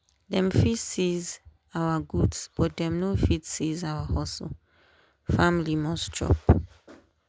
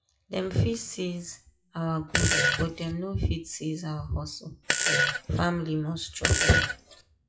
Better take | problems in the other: first | noise reduction (classical method WPE with log-MMSE)

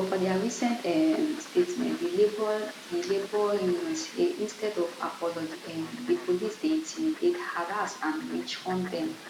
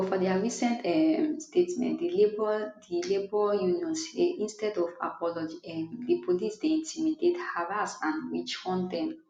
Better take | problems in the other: second | background sound (Fowl); 15 dB below the speech

